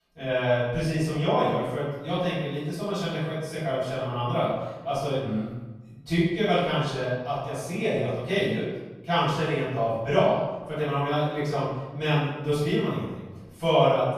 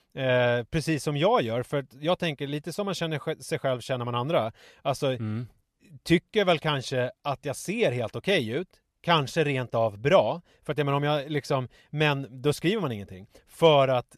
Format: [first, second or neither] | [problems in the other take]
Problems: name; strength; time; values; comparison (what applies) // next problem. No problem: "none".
second | room echo; strong; dies away in 1 s // off-mic speech; far